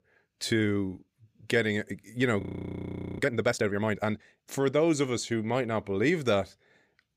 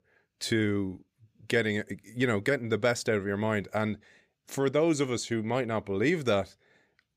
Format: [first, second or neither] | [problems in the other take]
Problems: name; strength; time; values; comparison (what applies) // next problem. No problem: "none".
second | audio freezing; at 2.5 s for 1 s